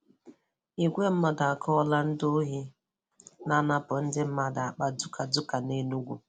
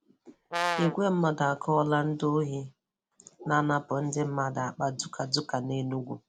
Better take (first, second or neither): first